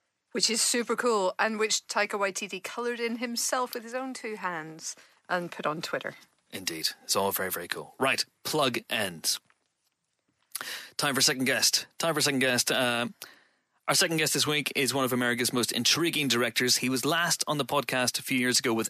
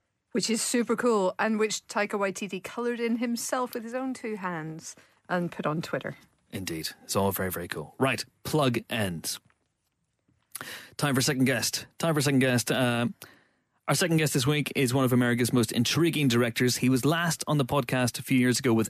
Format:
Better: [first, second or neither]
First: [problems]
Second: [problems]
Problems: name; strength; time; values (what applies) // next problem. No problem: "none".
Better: second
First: thin; very slightly; fading below 1 kHz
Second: none